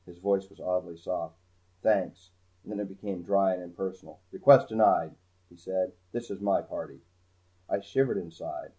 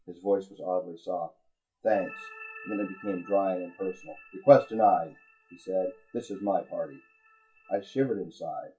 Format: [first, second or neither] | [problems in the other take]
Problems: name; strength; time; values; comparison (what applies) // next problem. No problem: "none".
first | noise reduction (classical method WPE with log-MMSE)